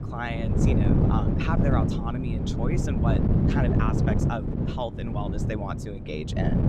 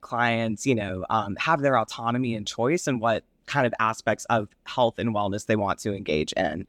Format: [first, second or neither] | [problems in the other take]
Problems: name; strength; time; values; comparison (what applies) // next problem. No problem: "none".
second | wind noise on the microphone; heavy; as loud as the speech